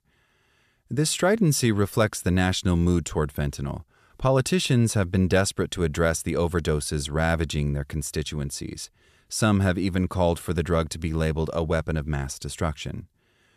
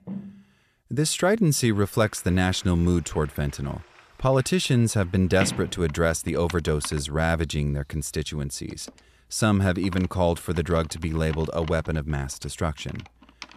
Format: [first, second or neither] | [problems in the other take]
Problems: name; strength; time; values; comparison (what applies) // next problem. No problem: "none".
first | household noises; noticeable; throughout; 15 dB below the speech